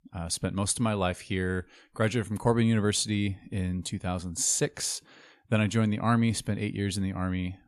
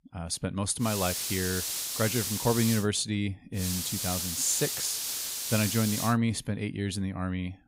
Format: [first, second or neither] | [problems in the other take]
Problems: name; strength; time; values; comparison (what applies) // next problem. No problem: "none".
first | hiss; loud; from 1 to 3 s and from 3.5 to 6 s; 1 dB below the speech